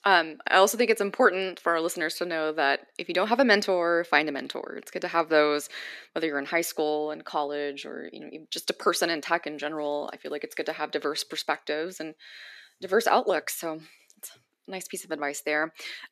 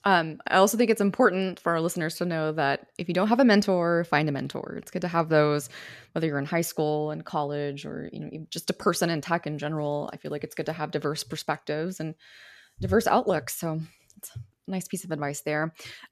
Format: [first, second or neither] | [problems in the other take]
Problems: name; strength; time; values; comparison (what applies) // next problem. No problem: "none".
second | thin; somewhat; fading below 300 Hz